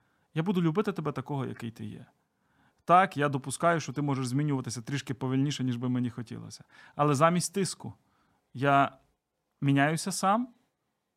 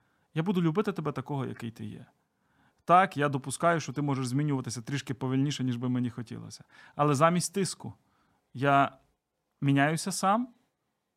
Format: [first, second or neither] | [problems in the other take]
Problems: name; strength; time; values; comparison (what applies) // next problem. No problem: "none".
neither | none